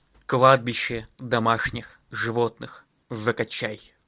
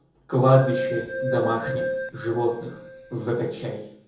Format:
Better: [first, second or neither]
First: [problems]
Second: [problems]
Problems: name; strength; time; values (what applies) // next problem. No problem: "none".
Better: first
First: none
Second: background sound (Keyboard (musical)); 6 dB below the speech // room echo; dies away in 0.7 s